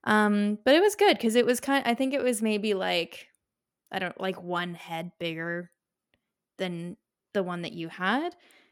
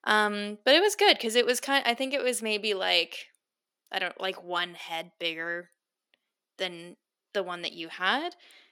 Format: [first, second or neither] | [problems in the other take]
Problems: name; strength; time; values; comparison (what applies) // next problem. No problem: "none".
first | thin; somewhat; fading below 350 Hz